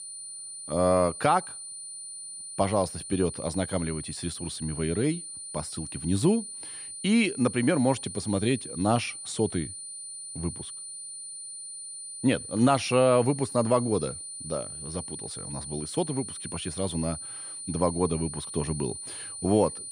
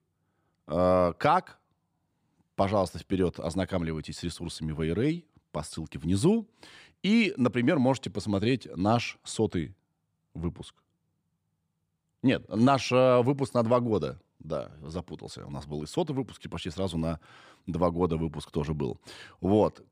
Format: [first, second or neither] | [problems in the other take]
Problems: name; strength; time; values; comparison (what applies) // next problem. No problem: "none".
second | high-pitched whine; loud; throughout; 9.5 kHz, 9 dB below the speech